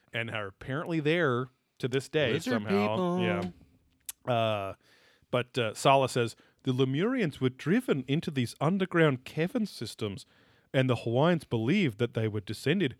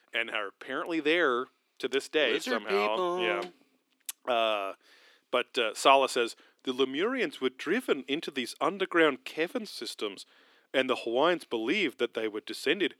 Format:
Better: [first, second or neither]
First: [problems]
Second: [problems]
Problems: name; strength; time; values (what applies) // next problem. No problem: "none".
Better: first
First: none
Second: thin; somewhat; fading below 300 Hz